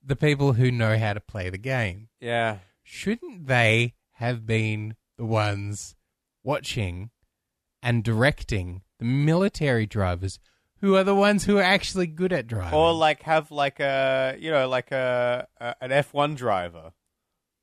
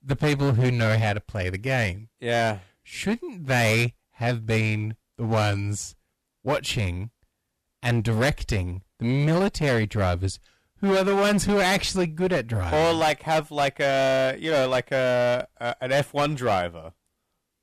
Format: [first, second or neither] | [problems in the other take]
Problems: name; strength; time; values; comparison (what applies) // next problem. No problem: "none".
first | distortion; heavy; 14% of the sound clipped